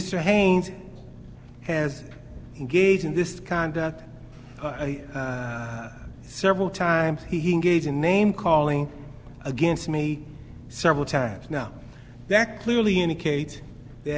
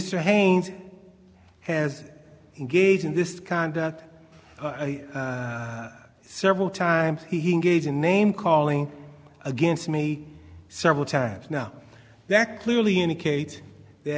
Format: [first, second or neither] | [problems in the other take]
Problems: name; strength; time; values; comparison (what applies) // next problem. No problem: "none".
second | background sound (Engine); 17 dB below the speech